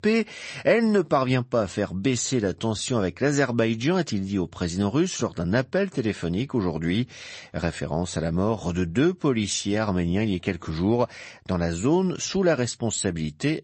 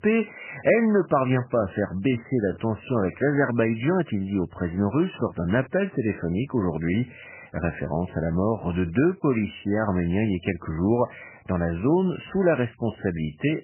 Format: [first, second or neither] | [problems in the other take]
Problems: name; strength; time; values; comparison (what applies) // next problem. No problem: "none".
first | garbled, watery; badly; nothing above 3 kHz; slightly in the first